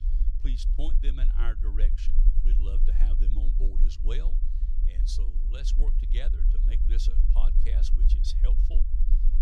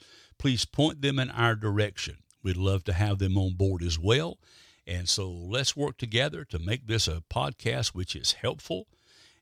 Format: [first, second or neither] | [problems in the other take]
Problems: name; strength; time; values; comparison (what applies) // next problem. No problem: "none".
second | low rumble; loud; throughout; 6 dB below the speech